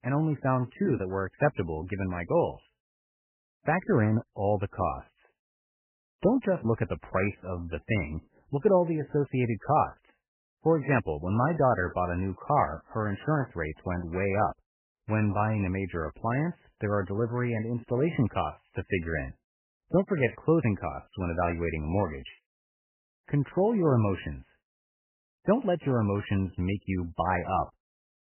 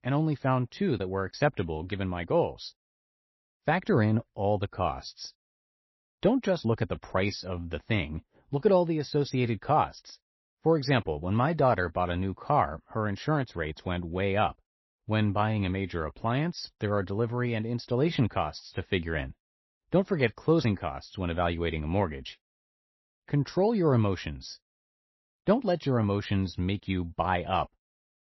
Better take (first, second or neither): second